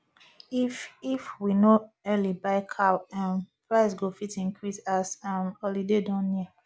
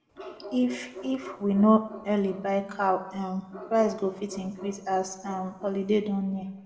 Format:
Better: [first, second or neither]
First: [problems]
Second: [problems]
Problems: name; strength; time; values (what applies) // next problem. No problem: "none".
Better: first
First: none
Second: background sound (Bark); 17 dB below the speech // room echo; dies away in 0.9 s